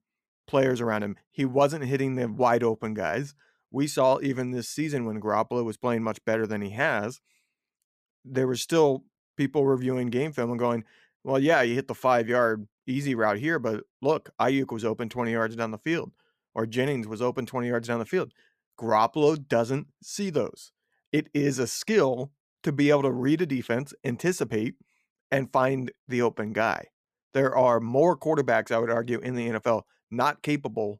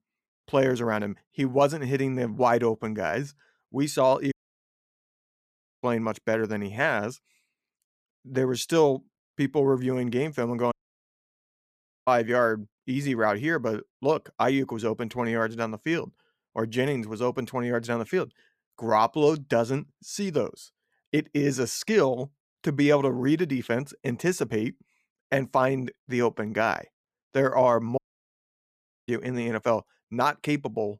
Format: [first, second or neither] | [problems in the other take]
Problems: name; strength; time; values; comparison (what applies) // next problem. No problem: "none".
first | audio cutting out; at 4.5 s for 1.5 s, at 11 s for 1.5 s and at 28 s for 1 s